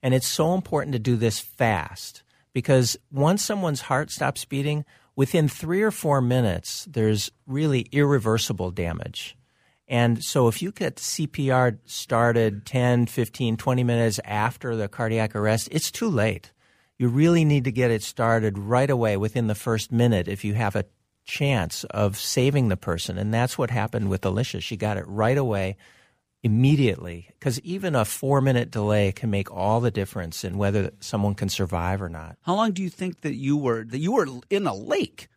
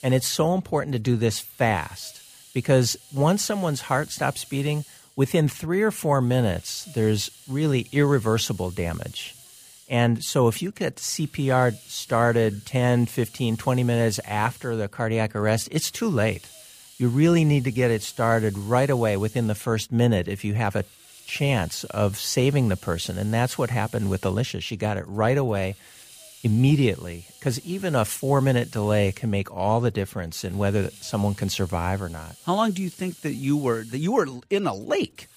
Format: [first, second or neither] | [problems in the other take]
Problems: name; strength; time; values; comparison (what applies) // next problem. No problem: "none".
first | hiss; faint; throughout; 20 dB below the speech